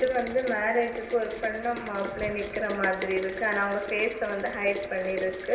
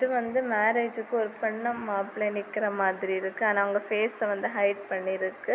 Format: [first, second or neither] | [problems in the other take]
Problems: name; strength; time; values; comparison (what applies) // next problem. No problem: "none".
second | background sound (Rain); 12 dB below the speech // room echo; dies away in 0.9 s